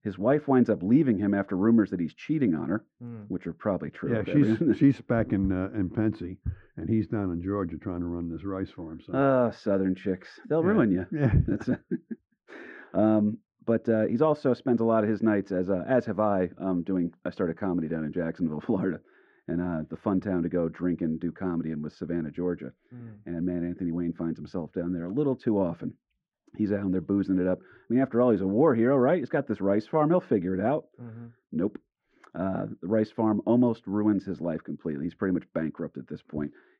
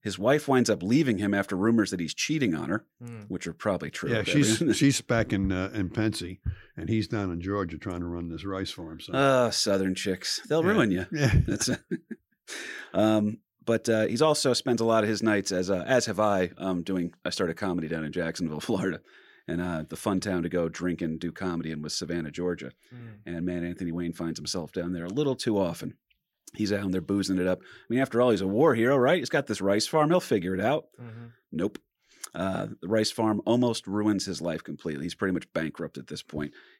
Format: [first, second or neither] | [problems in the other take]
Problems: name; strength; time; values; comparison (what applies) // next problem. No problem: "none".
second | muffled; very; fading above 1.5 kHz